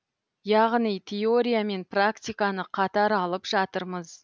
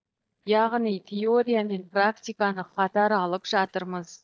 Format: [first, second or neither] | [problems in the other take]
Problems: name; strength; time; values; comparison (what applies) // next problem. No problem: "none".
first | noise reduction (neural mask model DeepFilterNet 3)